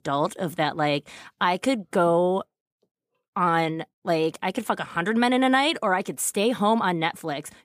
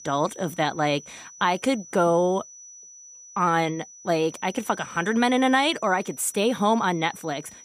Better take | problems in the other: first | high-pitched whine; noticeable; throughout; 6 kHz, 20 dB below the speech

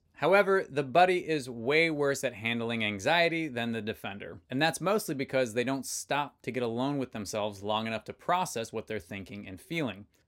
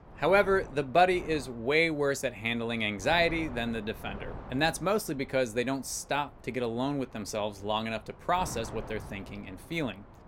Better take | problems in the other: first | wind noise on the microphone; occasional gusts; 20 dB below the speech

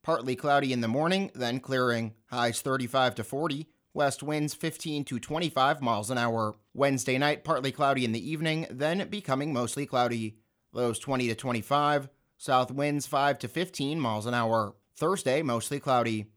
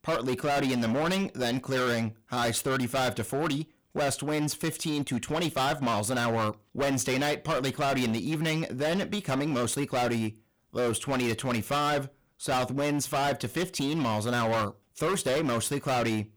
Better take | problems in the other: first | distortion; heavy; 23% of the sound clipped

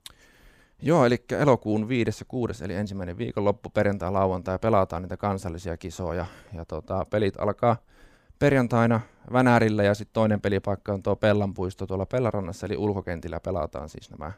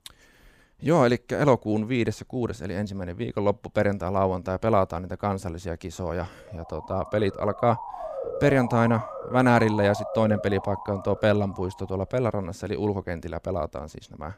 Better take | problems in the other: first | siren; noticeable; from 6.5 to 12 s; peak 6 dB below the speech

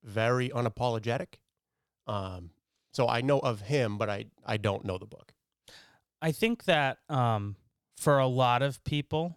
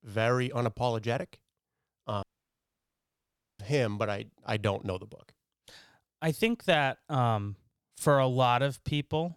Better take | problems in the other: first | audio cutting out; at 2 s for 1.5 s

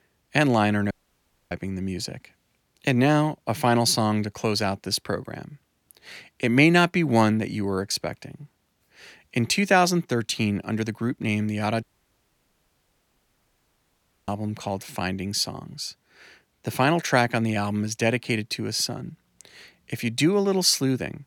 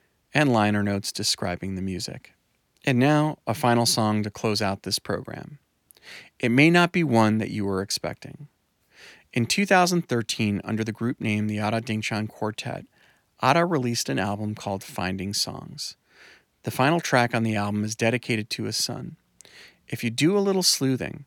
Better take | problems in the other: second | audio cutting out; at 1 s for 0.5 s and at 12 s for 2.5 s

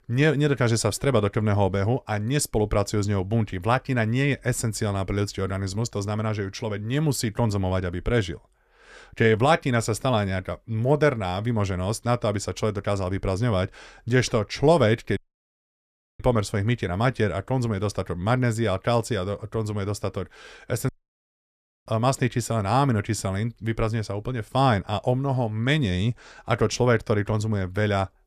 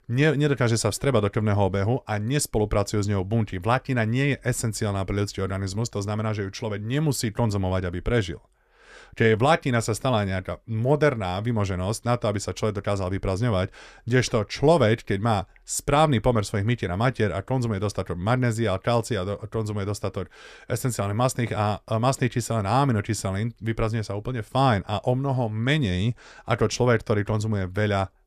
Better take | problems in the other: second | audio cutting out; at 15 s for 1 s and at 21 s for 1 s

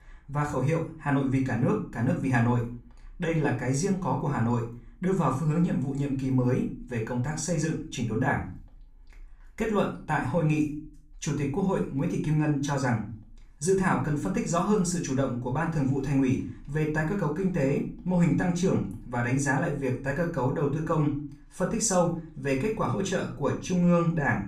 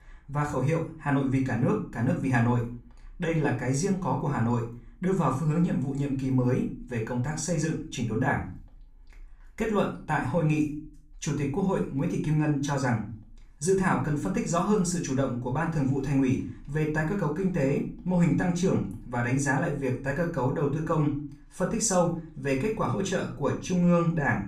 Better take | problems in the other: neither | off-mic speech; far; the same in both // room echo; slight; dies away in 0.3 s; the same in both

